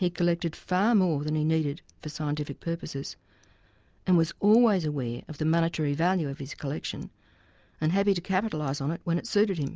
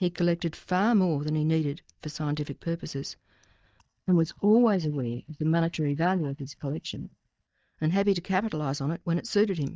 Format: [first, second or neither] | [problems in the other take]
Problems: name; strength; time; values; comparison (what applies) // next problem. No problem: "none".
first | noise reduction (neural mask model DeepFilterNet 3)